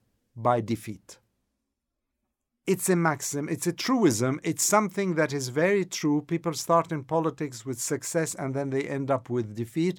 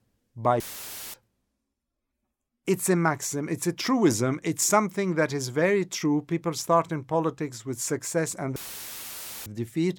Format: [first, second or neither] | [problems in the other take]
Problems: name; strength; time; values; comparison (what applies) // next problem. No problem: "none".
first | audio cutting out; filled with static; at 0.5 s for 0.5 s and at 8.5 s for 1 s